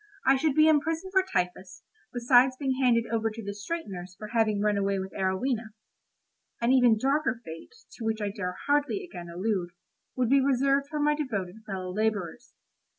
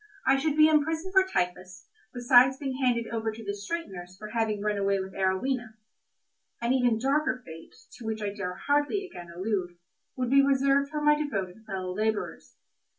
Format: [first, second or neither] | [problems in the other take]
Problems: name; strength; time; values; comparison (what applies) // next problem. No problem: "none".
first | room echo; dies away in 0.2 s